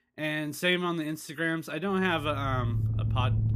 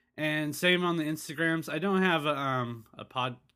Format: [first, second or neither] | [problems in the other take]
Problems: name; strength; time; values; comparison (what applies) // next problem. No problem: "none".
second | machinery noise; loud; from 2.5 s on; as loud as the speech